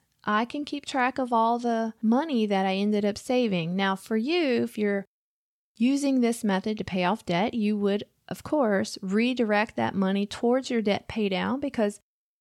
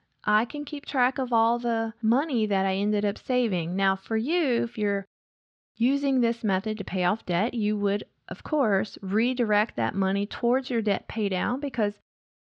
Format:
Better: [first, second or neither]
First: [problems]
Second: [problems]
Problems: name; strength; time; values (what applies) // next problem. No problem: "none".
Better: first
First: none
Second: muffled; very slightly; fading above 4 kHz